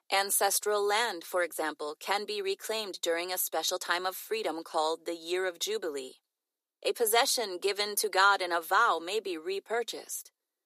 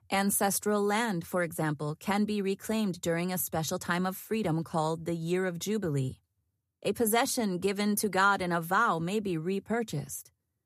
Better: second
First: thin; very; fading below 350 Hz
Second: none

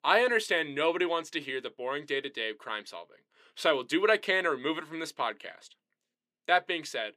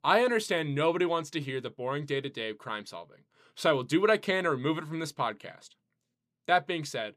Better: second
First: thin; somewhat; fading below 350 Hz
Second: none

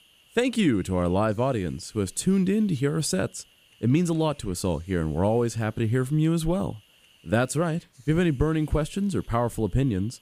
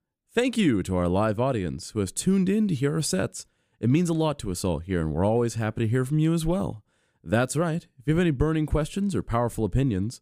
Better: second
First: hiss; faint; throughout; 30 dB below the speech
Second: none

